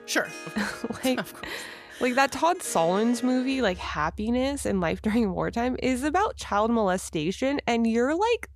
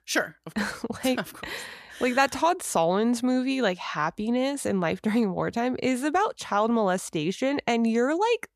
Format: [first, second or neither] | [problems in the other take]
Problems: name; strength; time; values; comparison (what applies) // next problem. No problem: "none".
second | background music; noticeable; throughout; 20 dB below the speech